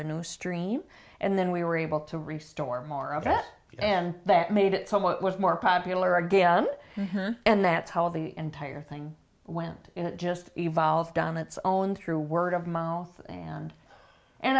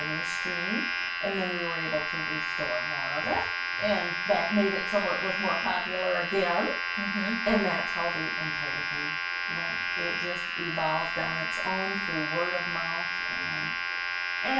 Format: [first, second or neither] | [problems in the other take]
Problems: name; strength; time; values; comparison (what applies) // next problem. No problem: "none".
first | background sound (Domestic sounds, home sounds); 1 dB above the speech // room echo; dies away in 0.3 s